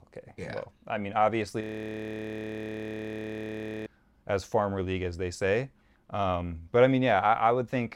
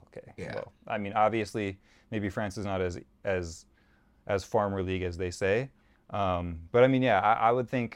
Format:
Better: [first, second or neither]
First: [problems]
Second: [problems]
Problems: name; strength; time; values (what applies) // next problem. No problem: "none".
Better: second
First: audio freezing; at 1.5 s for 2.5 s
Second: none